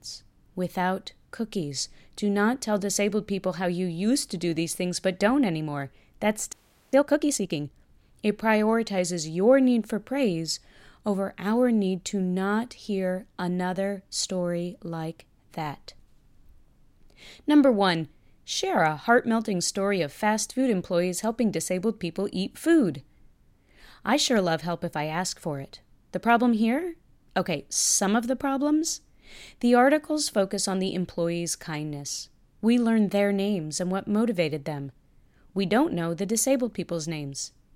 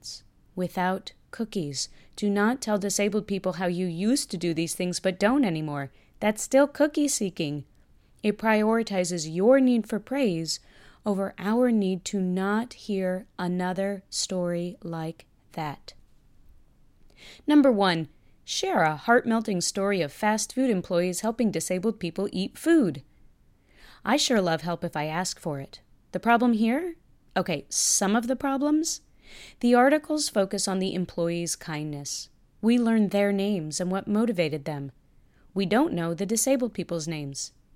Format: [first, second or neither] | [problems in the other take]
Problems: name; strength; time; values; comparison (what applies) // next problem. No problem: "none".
second | audio freezing; at 6.5 s